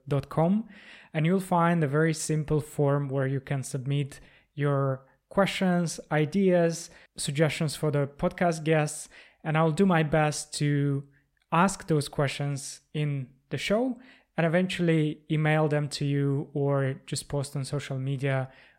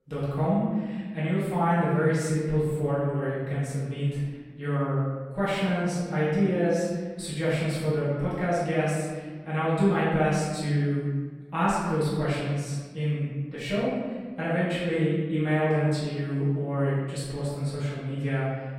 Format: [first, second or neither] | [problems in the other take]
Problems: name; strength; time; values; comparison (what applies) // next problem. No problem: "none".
first | room echo; strong; dies away in 1.4 s // off-mic speech; far